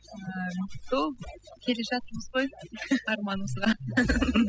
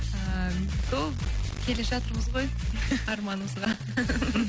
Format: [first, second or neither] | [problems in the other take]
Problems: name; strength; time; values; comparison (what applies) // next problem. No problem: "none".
second | noise reduction (classical method spectral subtraction)